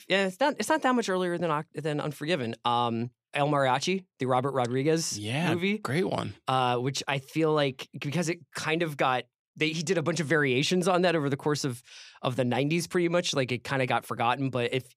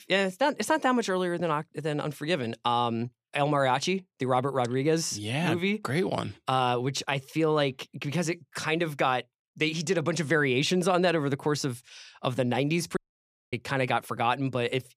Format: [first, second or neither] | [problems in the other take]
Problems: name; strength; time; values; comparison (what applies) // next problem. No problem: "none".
first | audio cutting out; at 13 s for 0.5 s